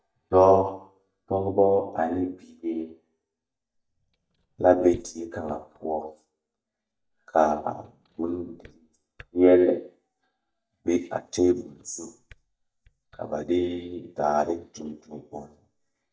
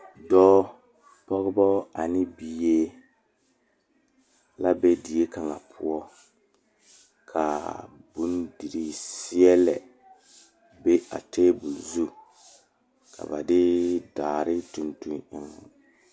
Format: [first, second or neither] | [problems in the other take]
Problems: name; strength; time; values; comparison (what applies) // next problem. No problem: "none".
second | noise reduction (neural mask model DeepFilterNet 3)